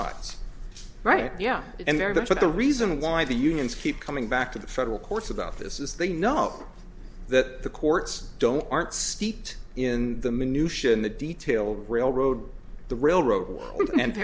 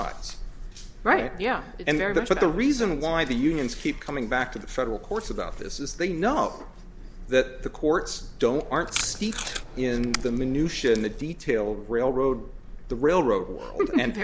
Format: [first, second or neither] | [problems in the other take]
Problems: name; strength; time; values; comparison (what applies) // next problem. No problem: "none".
first | background sound (Packing tape, duct tape); 11 dB below the speech